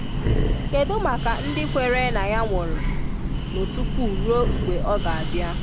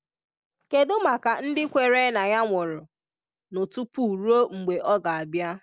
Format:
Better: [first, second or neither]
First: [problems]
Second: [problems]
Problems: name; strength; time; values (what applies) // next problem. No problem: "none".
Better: second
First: background sound (Breathing); 3 dB above the speech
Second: none